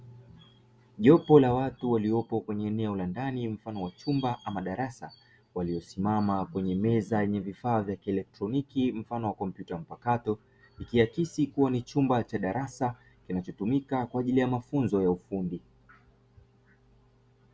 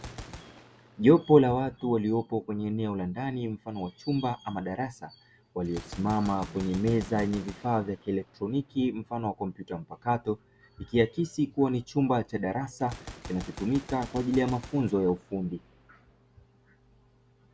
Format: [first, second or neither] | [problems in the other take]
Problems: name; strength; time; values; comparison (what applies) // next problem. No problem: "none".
first | background sound (Gunshot, gunfire); 19 dB below the speech